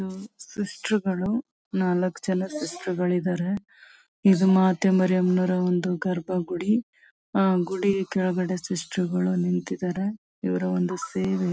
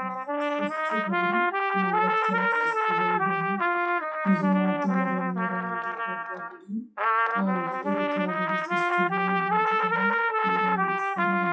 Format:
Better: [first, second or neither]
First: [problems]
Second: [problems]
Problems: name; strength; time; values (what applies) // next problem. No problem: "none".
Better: first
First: none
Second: noise reduction (classical method WPE with log-MMSE)